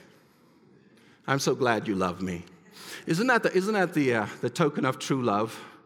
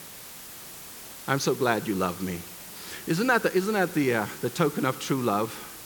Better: first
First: none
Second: hiss; noticeable; throughout; 15 dB below the speech

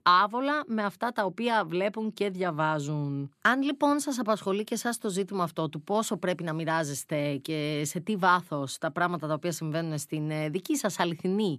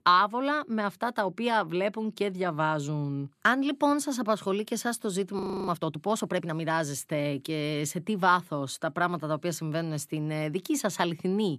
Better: first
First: none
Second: audio freezing; at 5.5 s

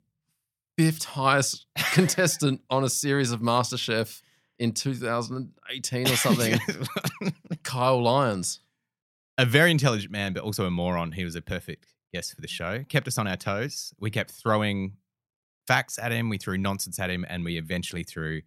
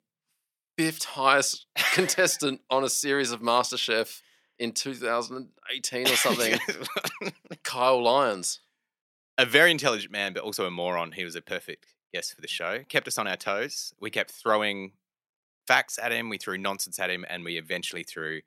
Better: first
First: none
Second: thin; somewhat; fading below 400 Hz

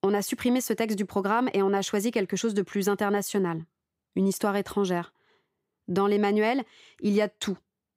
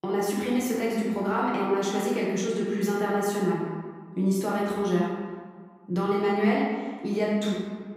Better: first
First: none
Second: room echo; noticeable; dies away in 1.4 s // off-mic speech; far

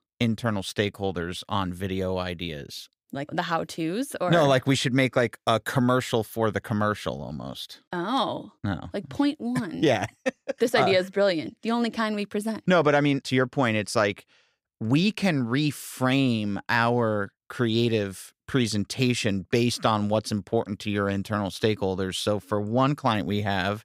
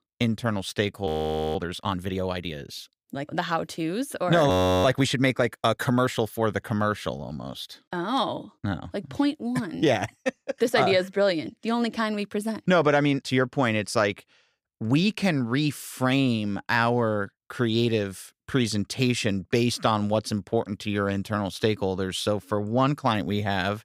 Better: first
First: none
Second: audio freezing; at 1 s and at 4.5 s

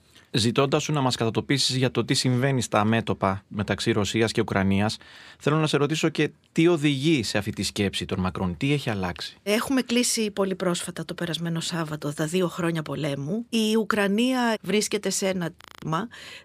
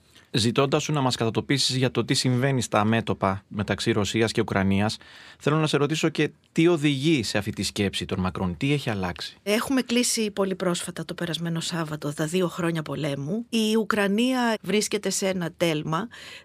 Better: second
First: audio freezing; at 16 s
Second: none

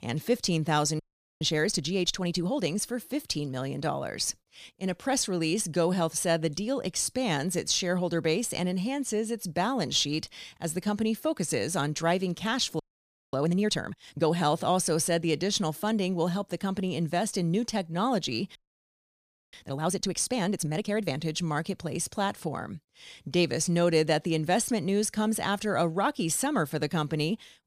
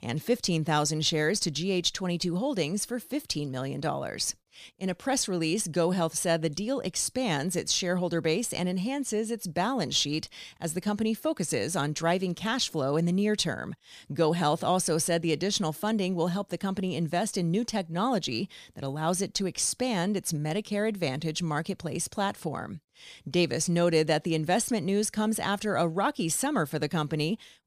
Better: second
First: audio freezing; at 1 s, at 13 s for 0.5 s and at 19 s for 1 s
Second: none

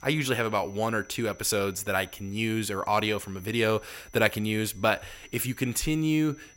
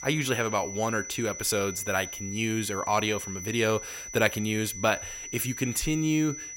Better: first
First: high-pitched whine; faint; throughout; 6 kHz, 25 dB below the speech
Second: high-pitched whine; loud; throughout; 6 kHz, 9 dB below the speech

